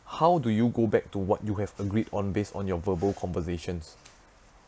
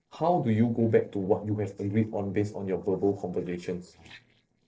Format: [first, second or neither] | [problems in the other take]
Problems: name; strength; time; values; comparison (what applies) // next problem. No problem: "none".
first | noise reduction (neural separator model SepFormer DNS4)